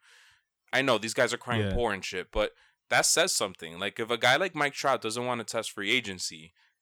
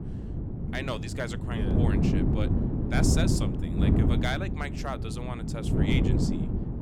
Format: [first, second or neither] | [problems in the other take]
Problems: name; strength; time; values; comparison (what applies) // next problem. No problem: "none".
first | wind noise on the microphone; heavy; as loud as the speech